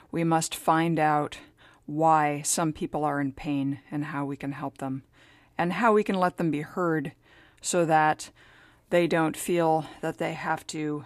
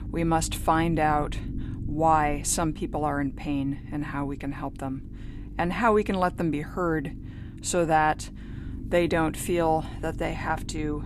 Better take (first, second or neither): first